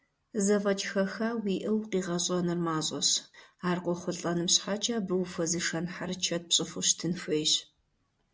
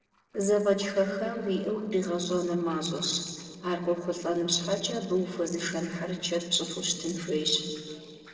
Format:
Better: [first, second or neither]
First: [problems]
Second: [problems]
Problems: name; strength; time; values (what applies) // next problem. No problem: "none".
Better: first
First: none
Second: noise reduction (neural separator model SepFormer DNS4)